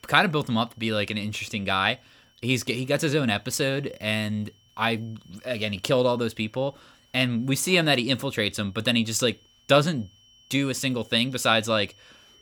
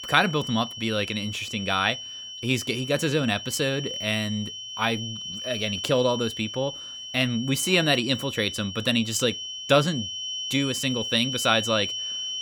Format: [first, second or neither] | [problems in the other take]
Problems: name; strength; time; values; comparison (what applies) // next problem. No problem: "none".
first | high-pitched whine; loud; throughout; 3 kHz, 7 dB below the speech; faint in the first